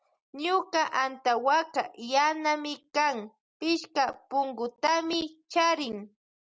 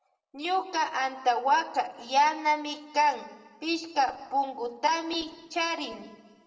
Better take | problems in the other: first | room echo; dies away in 1.1 s

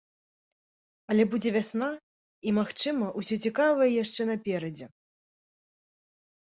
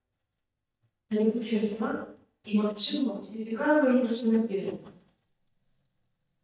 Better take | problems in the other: first | noise reduction (neural mask model DeepFilterNet 3)

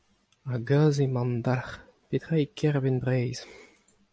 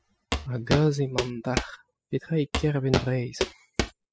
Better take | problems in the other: first | noise reduction (classical method spectral subtraction)

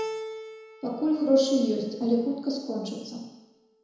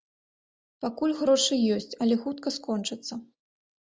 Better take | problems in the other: second | background sound (Keyboard (musical)); 14 dB below the speech // room echo; dies away in 1 s

